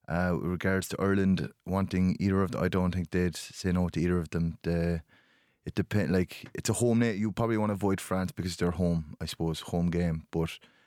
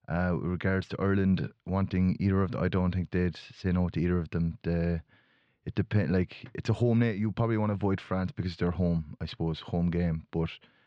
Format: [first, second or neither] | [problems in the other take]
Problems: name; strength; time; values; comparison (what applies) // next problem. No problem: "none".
first | muffled; very slightly; fading above 4 kHz